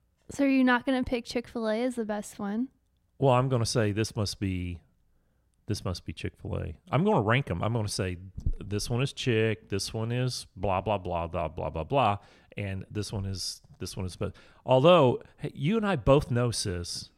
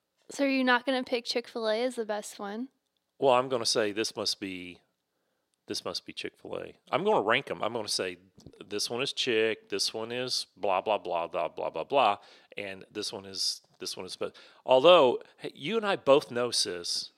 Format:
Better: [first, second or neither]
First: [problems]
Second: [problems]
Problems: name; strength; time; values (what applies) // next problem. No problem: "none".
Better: first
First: none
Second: thin; somewhat; fading below 400 Hz